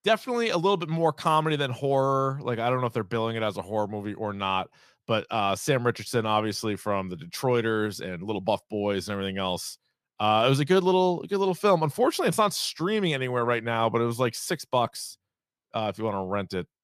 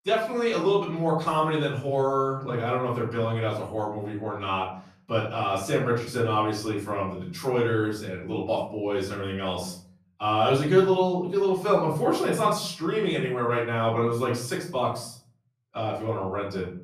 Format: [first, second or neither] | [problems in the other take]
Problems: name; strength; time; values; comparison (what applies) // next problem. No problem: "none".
first | off-mic speech; far // room echo; noticeable; dies away in 0.5 s